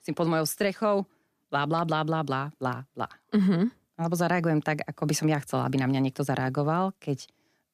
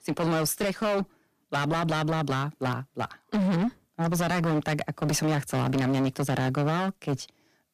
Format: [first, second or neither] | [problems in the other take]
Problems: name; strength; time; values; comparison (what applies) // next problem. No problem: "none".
first | distortion; heavy; 20% of the sound clipped